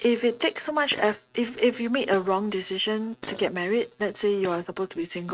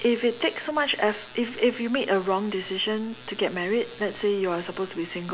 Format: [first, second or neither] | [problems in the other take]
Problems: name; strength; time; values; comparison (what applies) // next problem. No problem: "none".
second | noise reduction (neural mask model RNNoise)